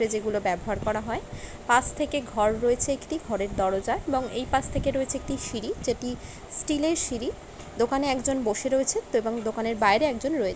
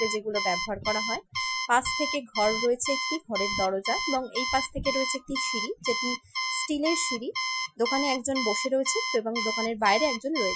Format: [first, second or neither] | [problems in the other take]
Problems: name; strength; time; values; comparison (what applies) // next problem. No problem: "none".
first | noise reduction (classical method Wiener filter)